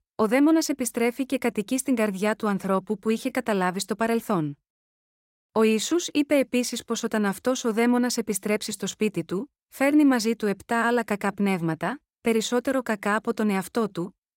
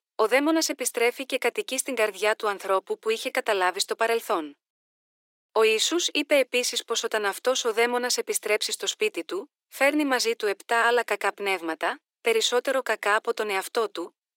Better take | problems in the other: first | thin; somewhat; fading below 350 Hz

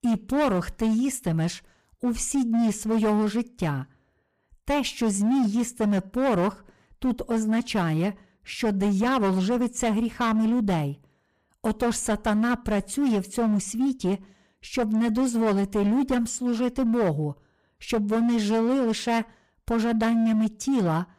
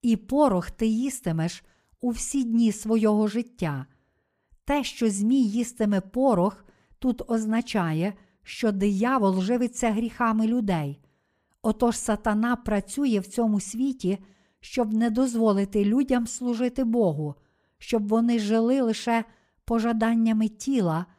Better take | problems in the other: second | distortion; slight; 16% of the sound clipped

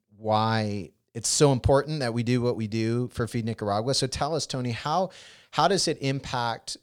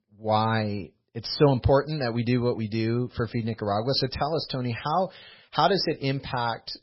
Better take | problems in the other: first | garbled, watery; badly; nothing above 5.5 kHz

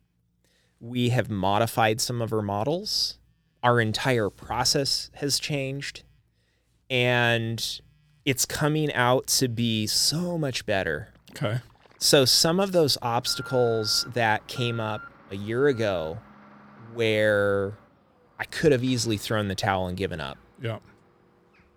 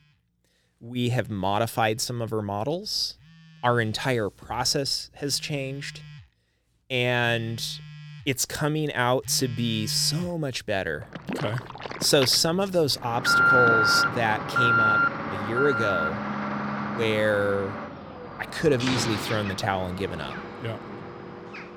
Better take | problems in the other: first | alarms or sirens; loud; throughout; 1 dB below the speech; faint in the first

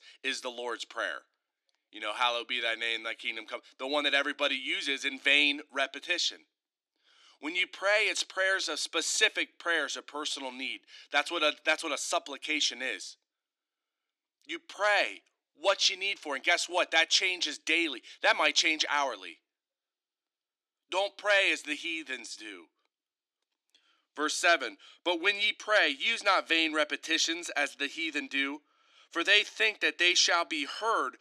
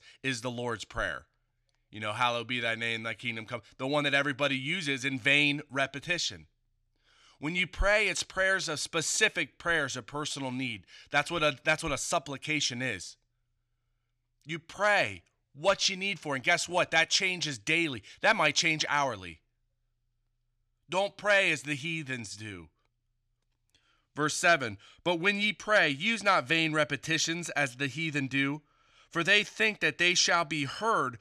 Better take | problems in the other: second | thin; very slightly; fading below 300 Hz

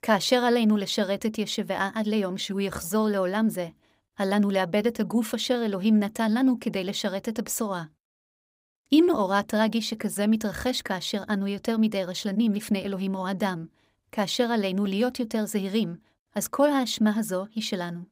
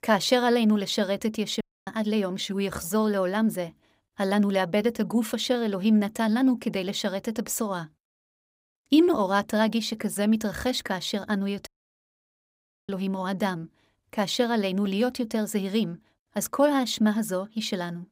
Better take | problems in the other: first | audio cutting out; at 1.5 s and at 12 s for 1 s

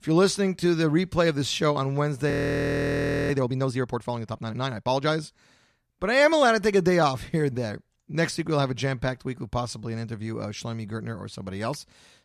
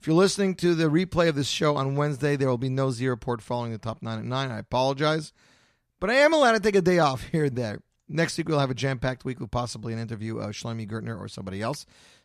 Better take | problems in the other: second | audio freezing; at 2.5 s for 1 s

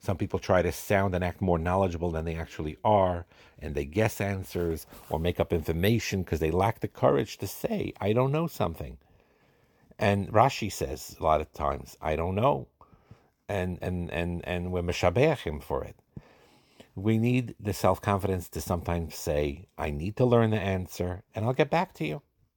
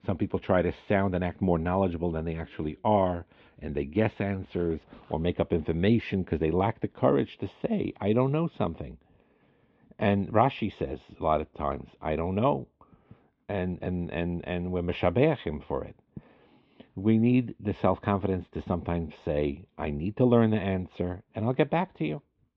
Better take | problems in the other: first | muffled; very; fading above 3.5 kHz

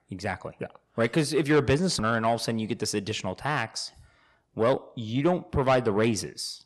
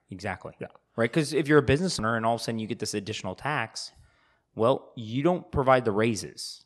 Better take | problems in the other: second | distortion; slight; 10 dB below the speech

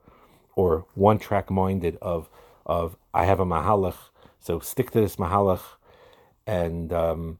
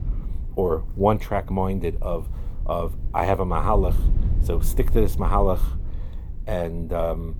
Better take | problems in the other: first | low rumble; faint; throughout; 20 dB below the speech

